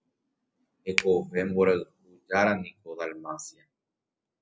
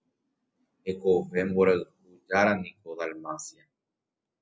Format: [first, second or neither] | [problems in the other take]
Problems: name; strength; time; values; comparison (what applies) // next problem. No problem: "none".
second | background sound (Finger snapping); 8 dB below the speech